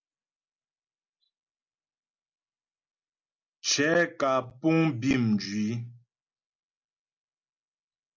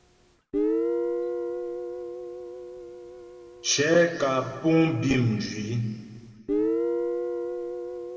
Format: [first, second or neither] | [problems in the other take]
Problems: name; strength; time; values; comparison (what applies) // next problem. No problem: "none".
first | background sound (Guitar); 3 dB below the speech // room echo; dies away in 2.2 s